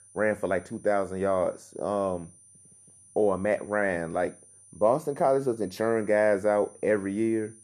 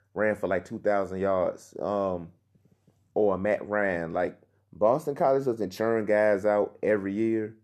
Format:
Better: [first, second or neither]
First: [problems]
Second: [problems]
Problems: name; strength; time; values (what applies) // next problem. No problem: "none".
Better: second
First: high-pitched whine; faint; throughout; 9 kHz, 25 dB below the speech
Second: none